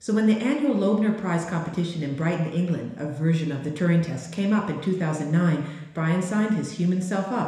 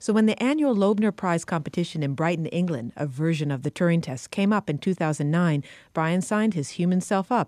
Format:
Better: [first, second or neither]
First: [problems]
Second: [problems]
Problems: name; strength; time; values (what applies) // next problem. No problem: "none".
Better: second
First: room echo; slight; dies away in 1 s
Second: none